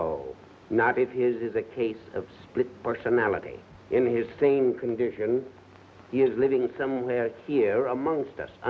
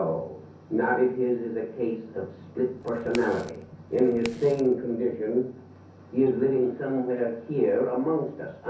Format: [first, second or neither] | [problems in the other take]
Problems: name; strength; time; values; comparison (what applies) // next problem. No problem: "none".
first | background sound (Crack); 19 dB below the speech // room echo; dies away in 0.6 s